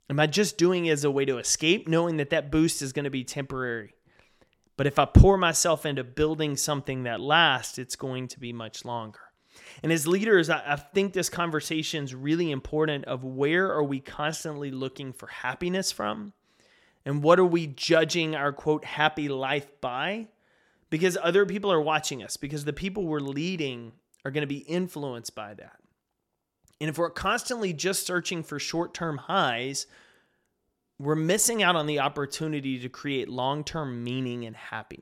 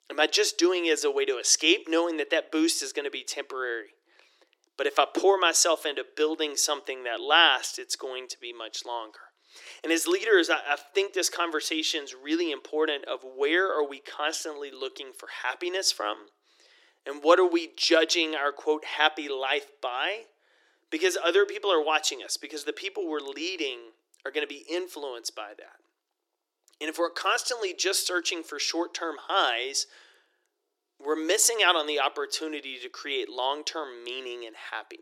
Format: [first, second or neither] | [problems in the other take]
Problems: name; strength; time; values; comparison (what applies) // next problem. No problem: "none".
first | thin; very; fading below 300 Hz